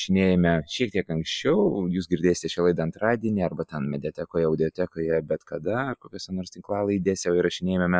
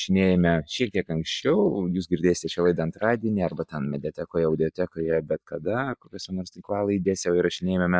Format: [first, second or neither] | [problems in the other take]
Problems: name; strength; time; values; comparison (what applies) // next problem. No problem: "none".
first | noise reduction (neural mask model DeepFilterNet 3)